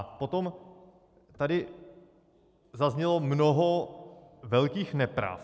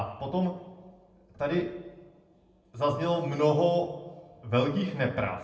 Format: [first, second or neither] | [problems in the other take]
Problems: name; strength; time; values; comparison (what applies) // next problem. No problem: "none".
first | room echo; dies away in 0.7 s